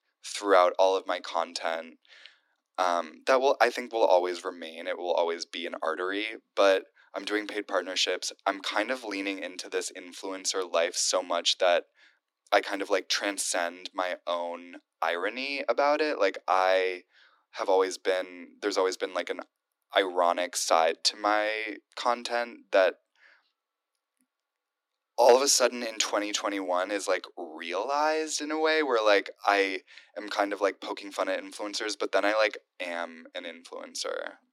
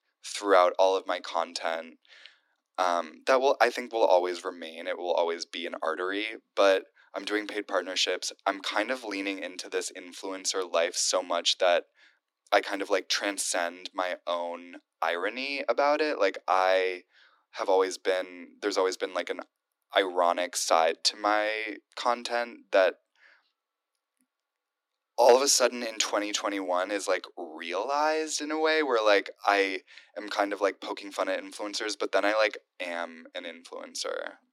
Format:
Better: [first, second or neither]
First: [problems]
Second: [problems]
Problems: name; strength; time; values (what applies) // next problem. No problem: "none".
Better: neither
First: thin; somewhat; fading below 300 Hz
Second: thin; somewhat; fading below 300 Hz